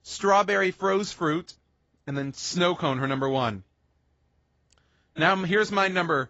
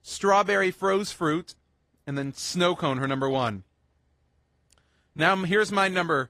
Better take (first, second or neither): second